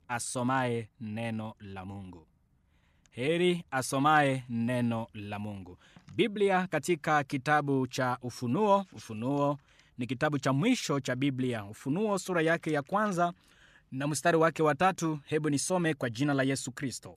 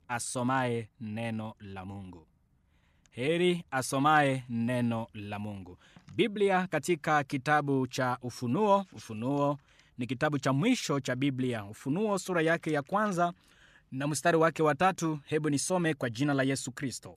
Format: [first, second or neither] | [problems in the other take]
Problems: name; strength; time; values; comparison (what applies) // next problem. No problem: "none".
neither | none